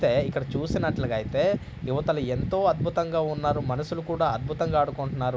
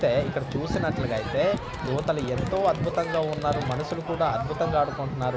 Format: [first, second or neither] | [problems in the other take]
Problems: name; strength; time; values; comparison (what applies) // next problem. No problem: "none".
first | background sound (Crowd); 9 dB below the speech